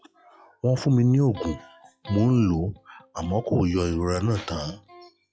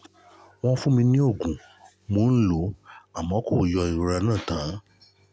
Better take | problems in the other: second | noise reduction (classical method log-MMSE)

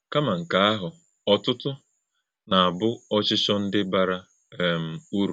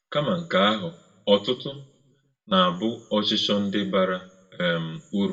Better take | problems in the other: first | room echo; dies away in 0.4 s

